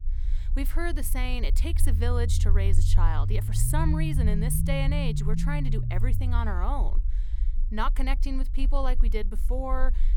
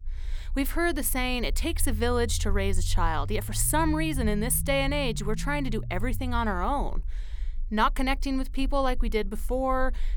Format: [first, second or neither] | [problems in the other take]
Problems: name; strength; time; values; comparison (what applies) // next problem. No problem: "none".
second | low rumble; loud; throughout; 7 dB below the speech; faint in the second